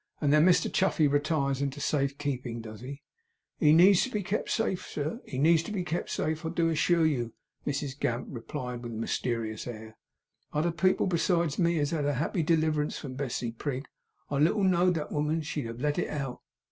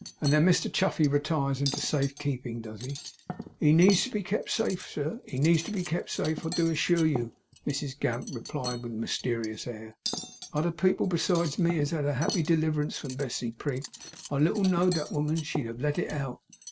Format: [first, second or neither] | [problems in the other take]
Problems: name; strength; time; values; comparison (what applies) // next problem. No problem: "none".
first | background sound (Cutlery, silverware); 13 dB below the speech